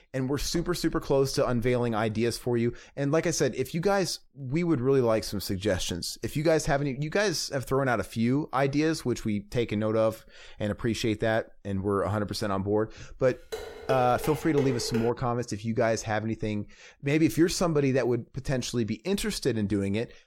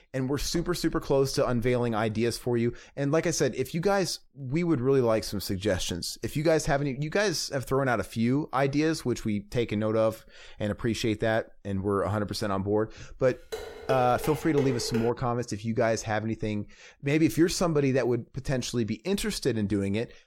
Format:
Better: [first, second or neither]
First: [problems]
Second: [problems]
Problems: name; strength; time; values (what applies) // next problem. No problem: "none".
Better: neither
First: clattering dishes; noticeable; from 14 to 15 s; peak 6 dB below the speech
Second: clattering dishes; noticeable; from 14 to 15 s; peak 6 dB below the speech